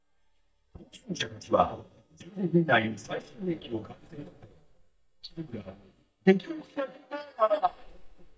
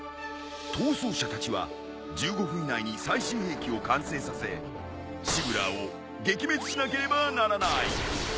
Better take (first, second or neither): second